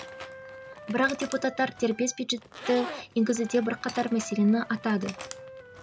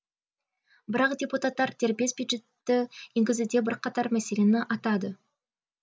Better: second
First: background sound (Zipper (clothing) + Wind instrument, woodwind instrument); 14 dB below the speech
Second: none

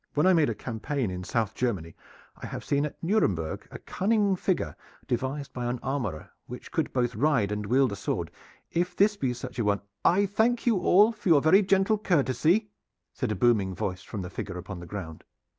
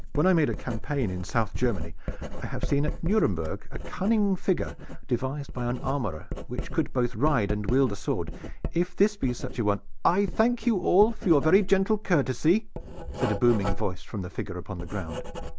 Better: first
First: none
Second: background sound (Writing); 4 dB below the speech

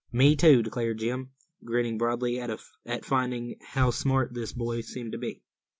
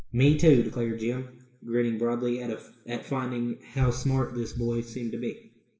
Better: first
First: none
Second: room echo; dies away in 0.7 s

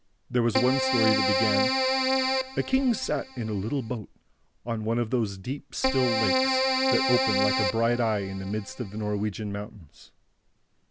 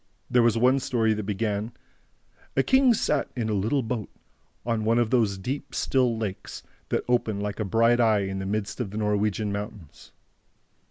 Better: second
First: background sound (Keyboard (musical)); 1 dB above the speech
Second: none

